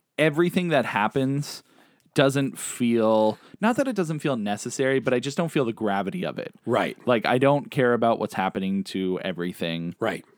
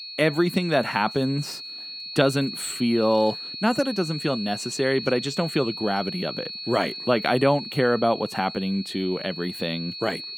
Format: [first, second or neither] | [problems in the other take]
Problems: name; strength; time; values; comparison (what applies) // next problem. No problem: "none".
first | high-pitched whine; loud; throughout; 4.5 kHz, 9 dB below the speech